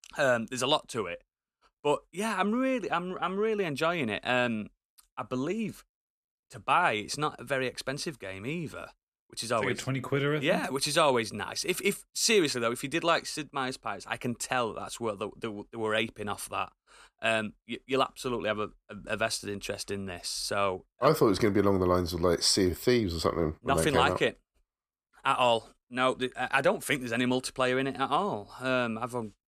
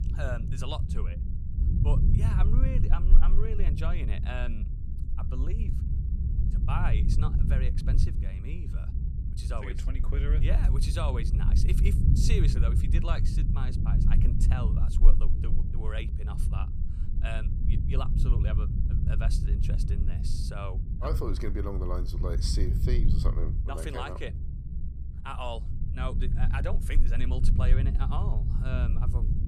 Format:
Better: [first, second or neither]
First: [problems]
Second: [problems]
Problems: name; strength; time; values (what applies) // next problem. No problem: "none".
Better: first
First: none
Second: low rumble; loud; throughout; 4 dB below the speech